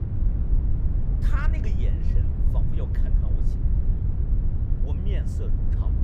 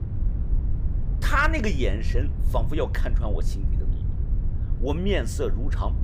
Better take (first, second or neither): second